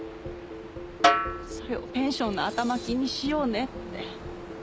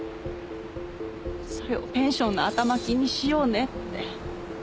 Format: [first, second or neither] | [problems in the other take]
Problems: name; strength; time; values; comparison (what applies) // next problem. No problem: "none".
second | background sound (Snare drum); 2 dB above the speech